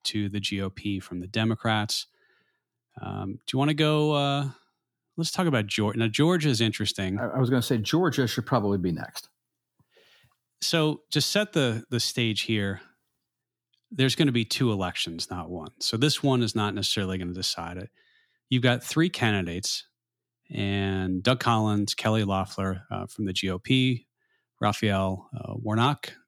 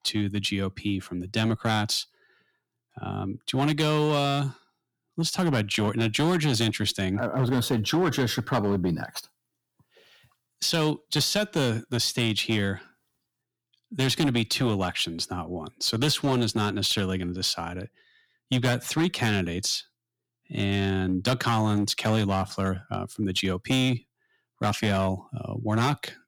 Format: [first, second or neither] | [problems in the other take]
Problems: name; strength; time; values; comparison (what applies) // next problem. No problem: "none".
first | distortion; slight; 6% of the sound clipped